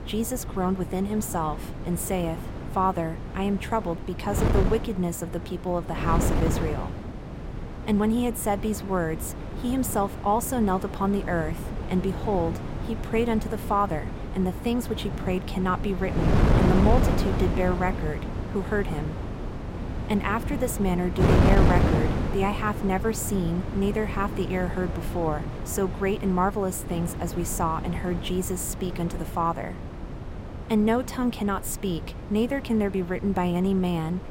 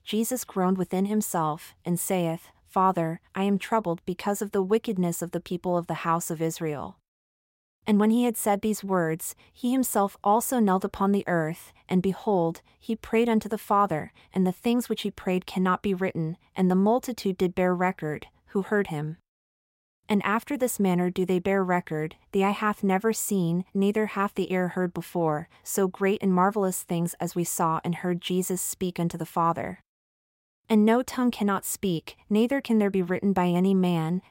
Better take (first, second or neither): second